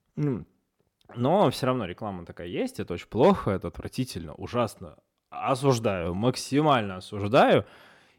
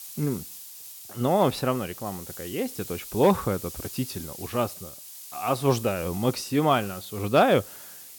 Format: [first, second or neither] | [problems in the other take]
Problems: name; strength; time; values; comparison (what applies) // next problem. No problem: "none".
first | hiss; noticeable; throughout; 15 dB below the speech